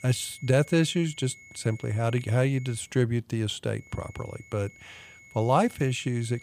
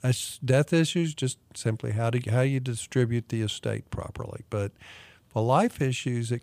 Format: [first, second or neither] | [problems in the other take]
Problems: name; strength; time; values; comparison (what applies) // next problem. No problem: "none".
second | high-pitched whine; faint; until 3 s and from 4 s on; 2 kHz, 20 dB below the speech